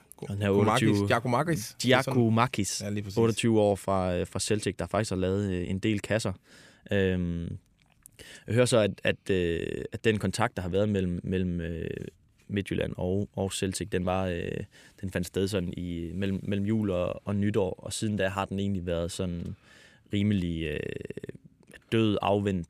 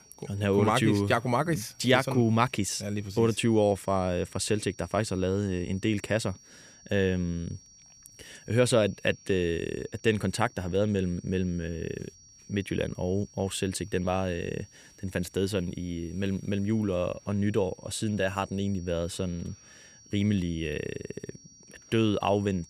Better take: first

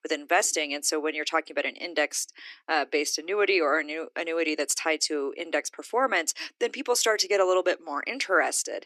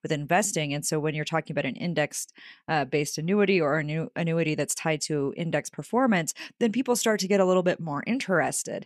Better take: second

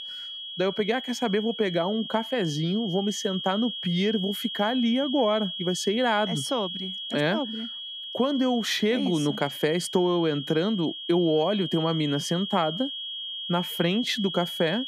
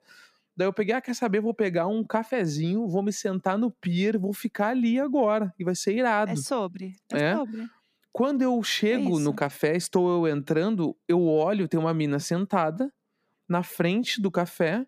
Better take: second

